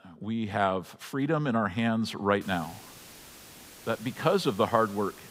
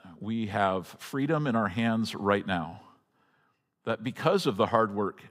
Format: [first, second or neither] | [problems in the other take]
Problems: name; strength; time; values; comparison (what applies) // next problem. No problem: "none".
second | hiss; noticeable; from 2.5 s on; 20 dB below the speech